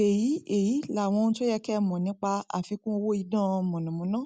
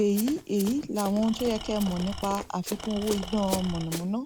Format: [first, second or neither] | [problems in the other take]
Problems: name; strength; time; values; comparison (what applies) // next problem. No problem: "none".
first | background sound (Run + Engine / Tools); 10 dB below the speech